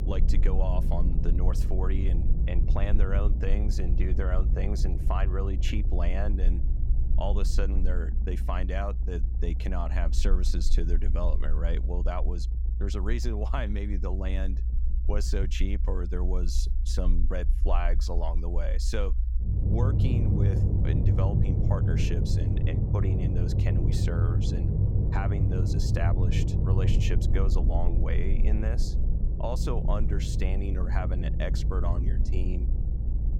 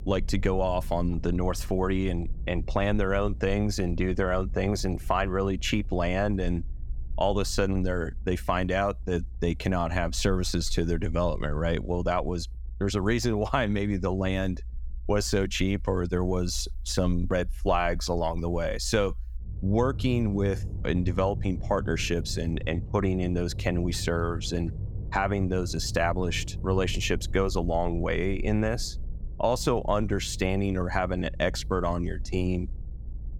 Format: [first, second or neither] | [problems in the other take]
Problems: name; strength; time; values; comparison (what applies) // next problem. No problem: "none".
second | low rumble; loud; throughout; 5 dB below the speech; faint in the second